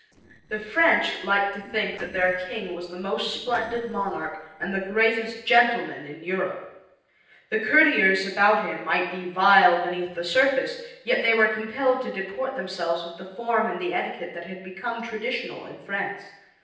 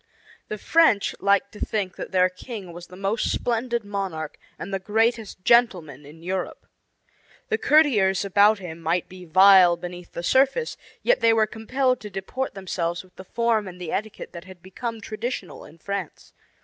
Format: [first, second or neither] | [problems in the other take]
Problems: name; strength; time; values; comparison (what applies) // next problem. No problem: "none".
second | noise reduction (neural separator model SepFormer DNS4)